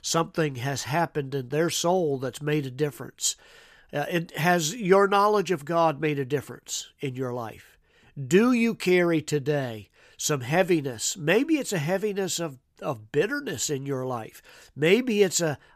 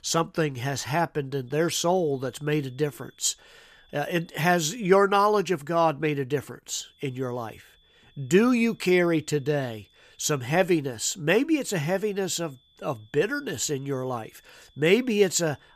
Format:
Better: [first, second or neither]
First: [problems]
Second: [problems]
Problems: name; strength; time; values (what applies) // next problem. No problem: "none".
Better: first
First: none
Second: high-pitched whine; faint; from 1.5 to 5 s, from 6.5 to 10 s and from 12 s on; 3.5 kHz, 35 dB below the speech